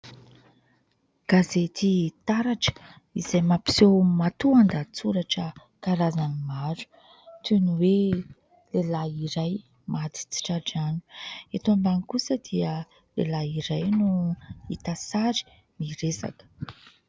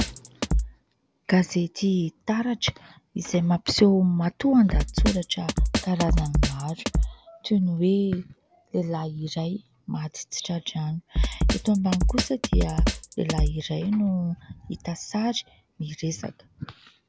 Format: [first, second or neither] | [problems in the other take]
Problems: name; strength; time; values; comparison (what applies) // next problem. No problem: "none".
first | background sound (Drum kit); 3 dB below the speech